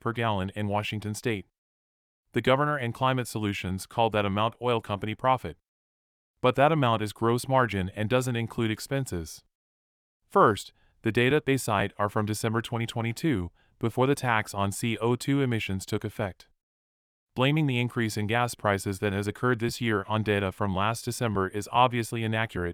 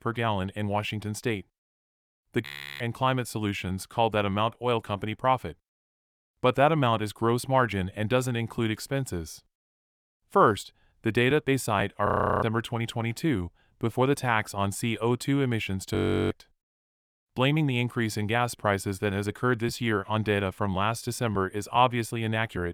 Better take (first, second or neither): first